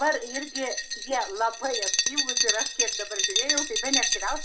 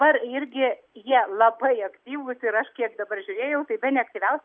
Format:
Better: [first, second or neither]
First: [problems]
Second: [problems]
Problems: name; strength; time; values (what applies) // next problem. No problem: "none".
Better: second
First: background sound (Glass); 3 dB above the speech // room echo; dies away in 0.3 s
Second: none